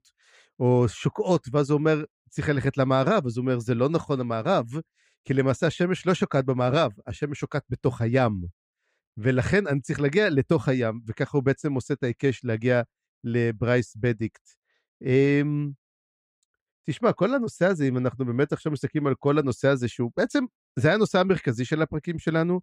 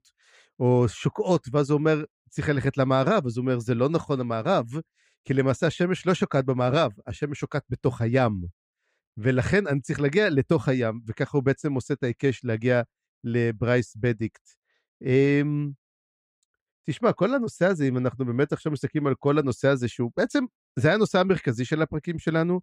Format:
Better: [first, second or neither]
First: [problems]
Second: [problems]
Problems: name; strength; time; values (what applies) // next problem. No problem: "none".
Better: neither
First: muffled; slightly; fading above 4 kHz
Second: muffled; slightly; fading above 4 kHz